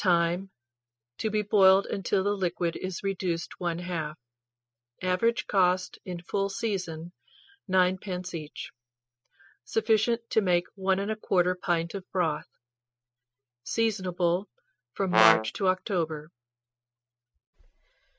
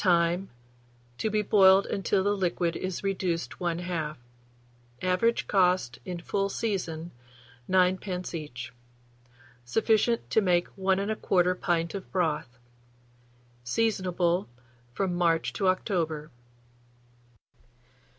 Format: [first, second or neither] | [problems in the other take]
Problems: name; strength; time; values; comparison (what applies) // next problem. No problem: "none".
second | noise reduction (classical method spectral subtraction)